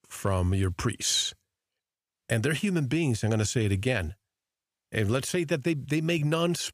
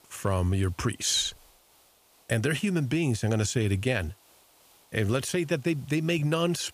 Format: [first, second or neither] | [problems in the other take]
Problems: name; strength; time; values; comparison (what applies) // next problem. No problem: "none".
first | hiss; faint; throughout; 30 dB below the speech